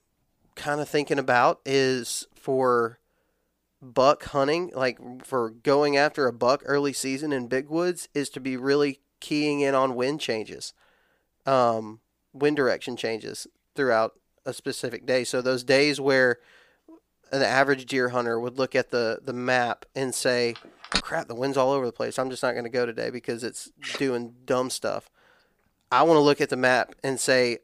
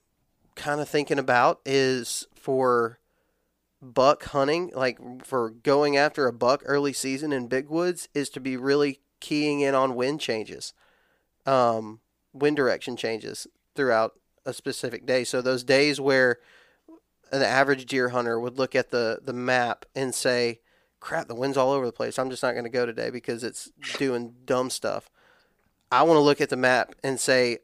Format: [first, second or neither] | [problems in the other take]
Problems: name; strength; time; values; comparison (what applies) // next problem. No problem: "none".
second | phone ringing; noticeable; at 21 s; peak 3 dB below the speech